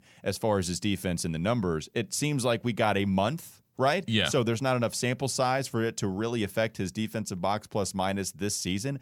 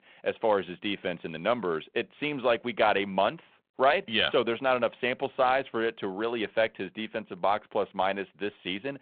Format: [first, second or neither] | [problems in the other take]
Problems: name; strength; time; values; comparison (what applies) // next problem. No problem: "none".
first | phone-call audio